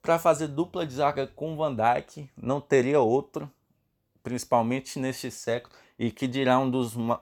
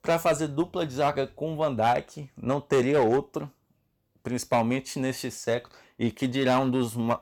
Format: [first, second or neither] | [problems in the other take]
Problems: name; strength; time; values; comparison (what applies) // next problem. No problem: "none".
first | distortion; slight; 5% of the sound clipped